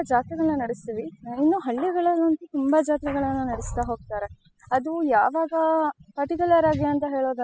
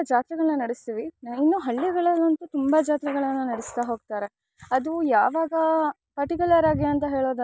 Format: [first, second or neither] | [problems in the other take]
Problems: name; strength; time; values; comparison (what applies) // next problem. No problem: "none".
second | noise reduction (classical method spectral subtraction)